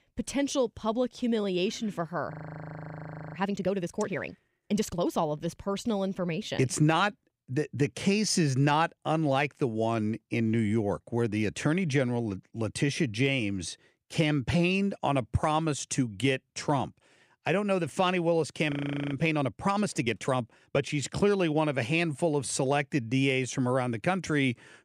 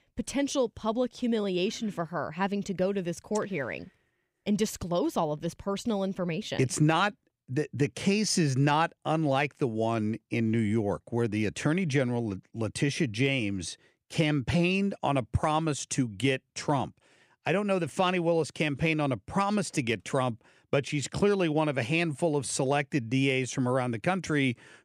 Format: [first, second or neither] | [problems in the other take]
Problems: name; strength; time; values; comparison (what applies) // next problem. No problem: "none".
second | audio freezing; at 2.5 s for 1 s and at 19 s